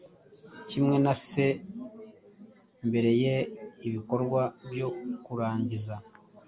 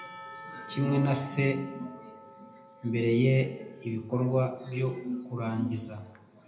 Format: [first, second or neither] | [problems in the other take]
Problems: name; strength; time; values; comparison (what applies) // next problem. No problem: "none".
first | background sound (Church bell / Percussion); 19 dB below the speech // room echo; dies away in 0.8 s